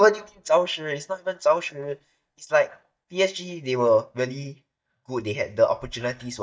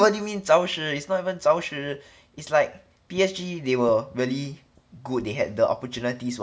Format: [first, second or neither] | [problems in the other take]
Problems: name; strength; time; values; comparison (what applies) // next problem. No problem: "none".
second | noise reduction (neural mask model DeepFilterNet 3)